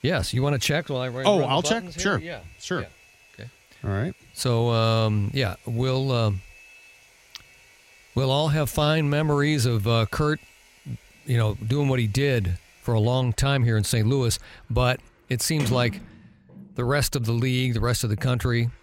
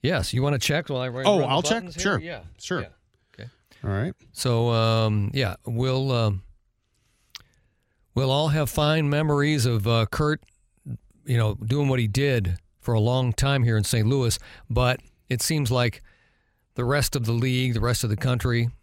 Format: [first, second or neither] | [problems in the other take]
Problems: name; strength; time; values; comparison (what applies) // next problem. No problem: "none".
second | household noises; faint; throughout; 20 dB below the speech